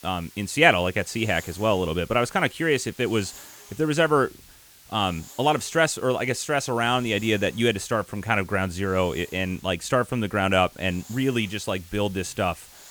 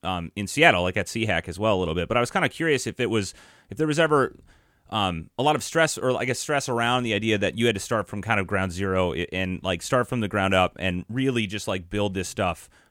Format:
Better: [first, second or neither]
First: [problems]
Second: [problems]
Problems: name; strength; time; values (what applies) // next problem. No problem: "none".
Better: second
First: hiss; faint; throughout; 20 dB below the speech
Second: none